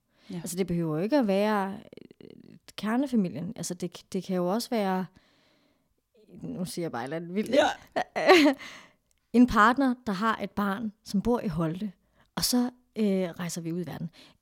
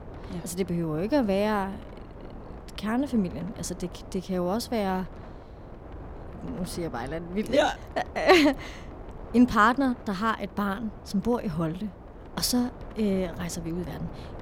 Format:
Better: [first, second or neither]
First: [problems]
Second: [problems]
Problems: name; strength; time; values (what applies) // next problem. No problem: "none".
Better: first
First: none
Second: wind noise on the microphone; occasional gusts; 20 dB below the speech